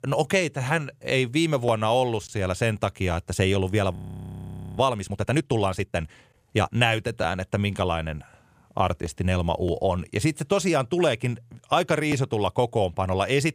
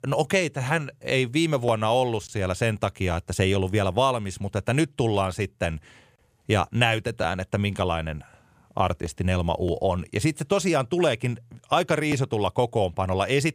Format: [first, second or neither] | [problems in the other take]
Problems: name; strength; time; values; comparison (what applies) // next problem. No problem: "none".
second | audio freezing; at 4 s for 1 s